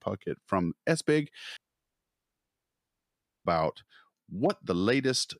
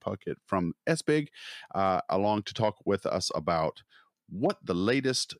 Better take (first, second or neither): second